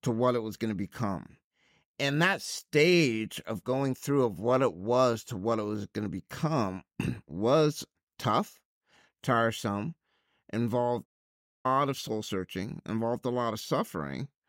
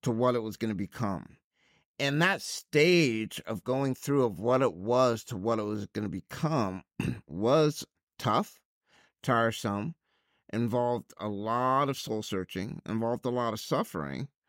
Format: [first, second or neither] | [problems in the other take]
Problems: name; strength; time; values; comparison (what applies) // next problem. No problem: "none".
second | audio cutting out; at 11 s for 0.5 s